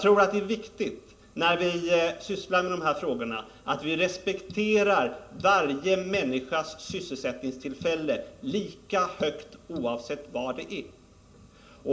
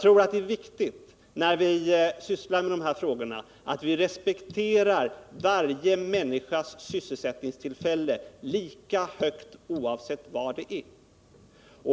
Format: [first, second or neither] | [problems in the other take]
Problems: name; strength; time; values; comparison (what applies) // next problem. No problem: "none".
second | room echo; dies away in 0.4 s